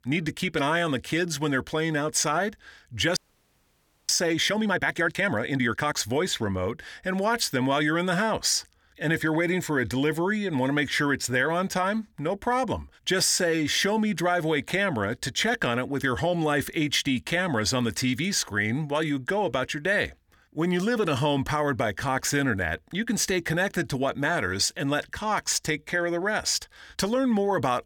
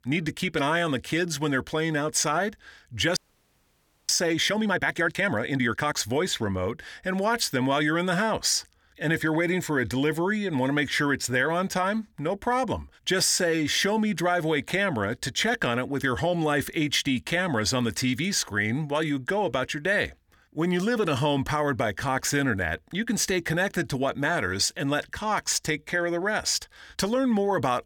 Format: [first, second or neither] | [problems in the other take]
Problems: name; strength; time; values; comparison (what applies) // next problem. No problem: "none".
neither | audio freezing; at 3 s for 1 s; the same in both